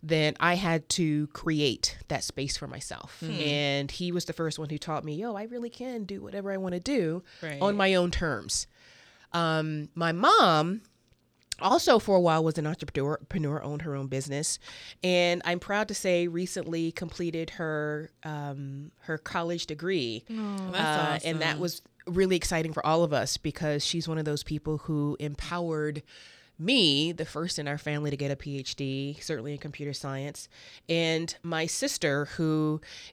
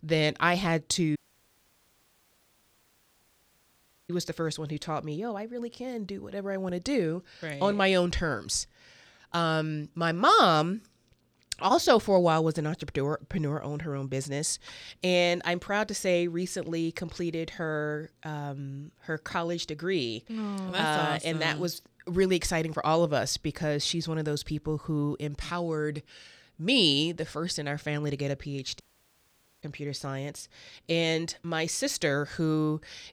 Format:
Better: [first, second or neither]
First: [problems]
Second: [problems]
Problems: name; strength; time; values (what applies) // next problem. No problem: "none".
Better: first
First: none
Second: audio cutting out; at 1 s for 3 s and at 29 s for 1 s